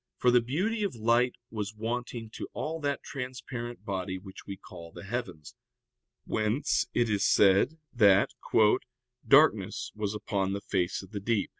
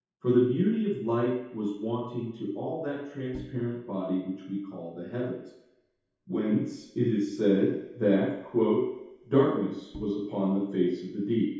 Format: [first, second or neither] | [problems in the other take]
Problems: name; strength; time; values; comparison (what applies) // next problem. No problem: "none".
first | background sound (Bowed string instrument); 18 dB below the speech // room echo; dies away in 0.8 s